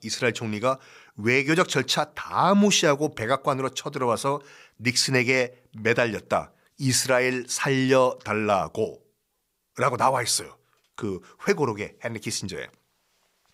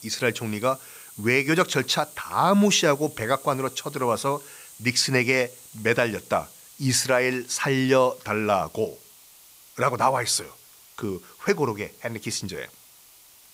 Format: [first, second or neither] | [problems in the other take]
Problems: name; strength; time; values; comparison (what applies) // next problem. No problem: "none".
first | hiss; faint; throughout; 20 dB below the speech